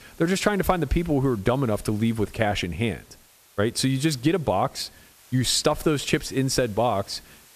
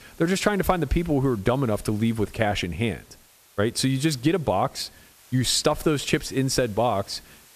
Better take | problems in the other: neither | hiss; faint; throughout; 25 dB below the speech; the same in both

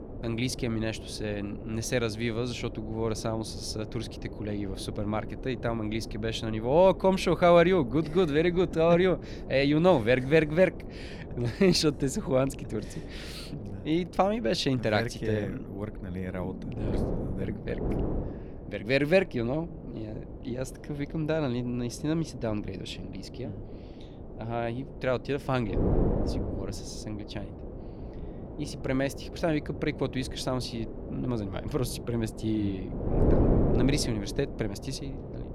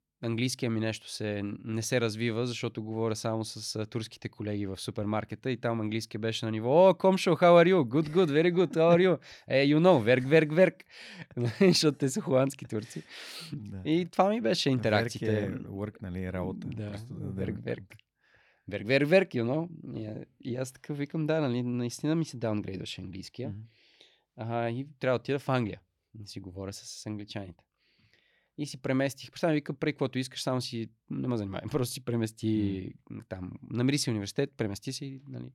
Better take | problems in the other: second | wind noise on the microphone; occasional gusts; 10 dB below the speech

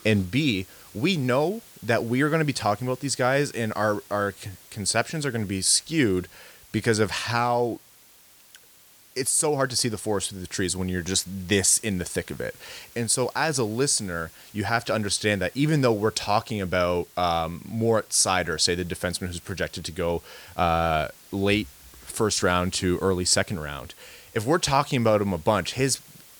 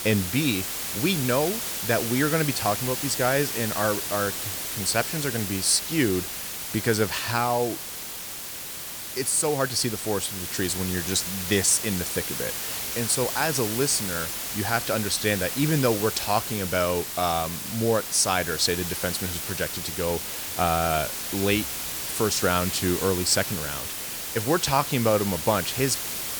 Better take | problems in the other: first | hiss; loud; throughout; 4 dB below the speech; faint in the first

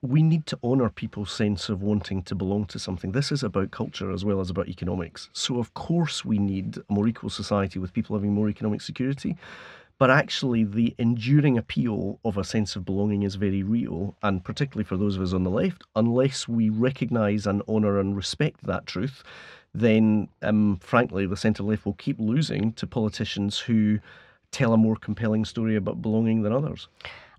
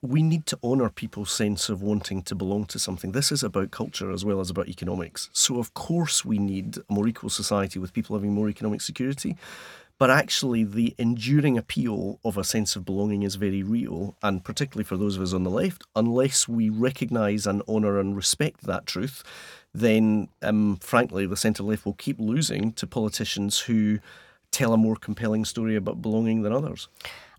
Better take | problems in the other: second | muffled; slightly; fading above 3.5 kHz

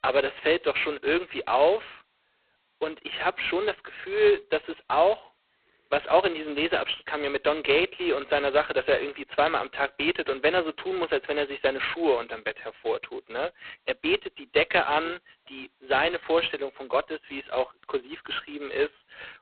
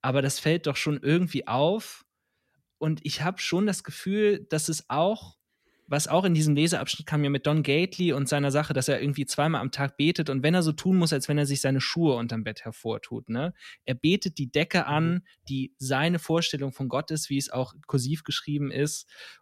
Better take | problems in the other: second | phone-call audio; poor line; nothing above 4 kHz

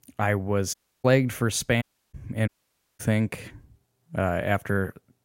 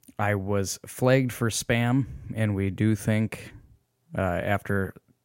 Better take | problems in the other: second | audio cutting out; at 0.5 s, at 2 s and at 2.5 s for 0.5 s

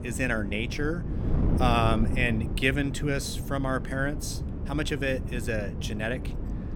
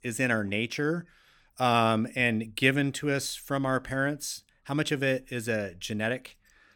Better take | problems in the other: second | wind noise on the microphone; occasional gusts; 10 dB below the speech

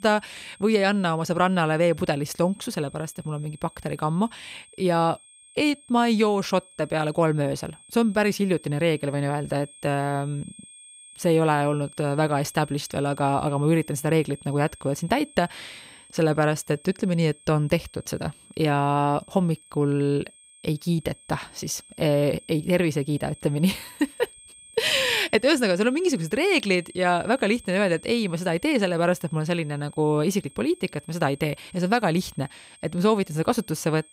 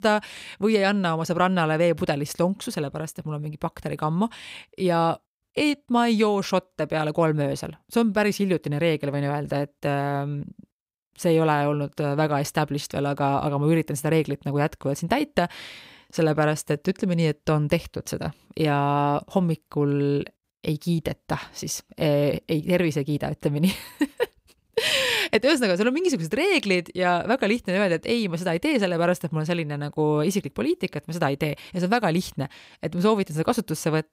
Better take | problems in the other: second | high-pitched whine; faint; throughout; 8.5 kHz, 25 dB below the speech

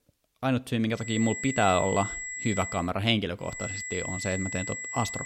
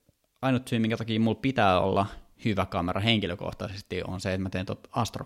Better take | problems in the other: second | high-pitched whine; loud; from 1 to 3 s and from 3.5 s on; 2 kHz, 6 dB below the speech

